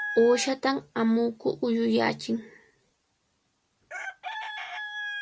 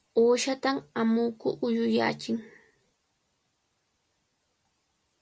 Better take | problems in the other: second | background sound (Chicken, rooster); 12 dB below the speech

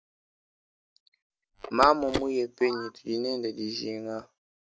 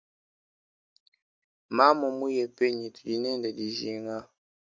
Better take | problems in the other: second | background sound (Telephone); 9 dB below the speech

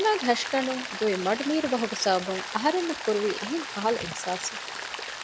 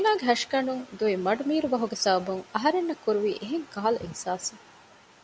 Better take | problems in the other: second | background sound (Rain); 8 dB below the speech

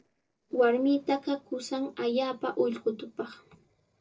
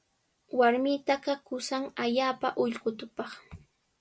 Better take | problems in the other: second | noise reduction (neural separator model SepFormer DNS4)

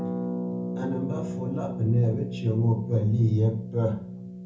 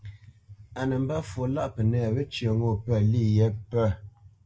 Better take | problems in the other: second | background sound (Harp); 7 dB below the speech // room echo; dies away in 0.7 s

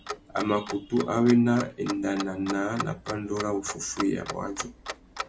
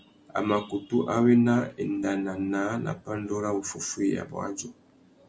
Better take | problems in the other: second | background sound (Clock); 11 dB below the speech

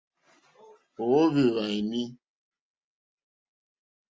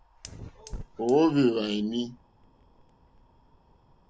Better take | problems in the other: first | background sound (Fire); 18 dB below the speech

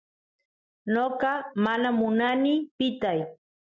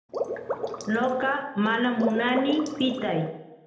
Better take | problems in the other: first | background sound (Water / Liquid); 7 dB below the speech // room echo; dies away in 0.8 s

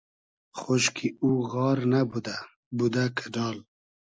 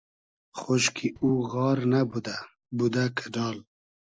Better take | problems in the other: first | noise reduction (neural separator model SepFormer DNS4)

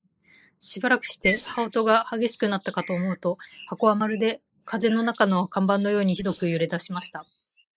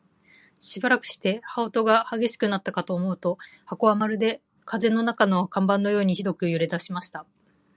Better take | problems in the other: second | noise reduction (neural mask model Resemble Enhance denoiser)

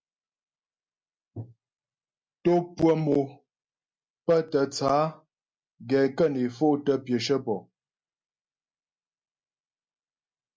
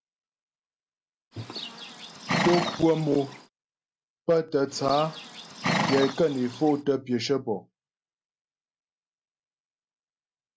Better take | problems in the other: first | background sound (Livestock, farm animals, working animals); 3 dB below the speech

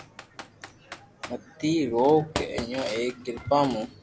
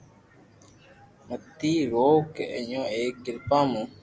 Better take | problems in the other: second | background sound (Computer keyboard); 13 dB below the speech

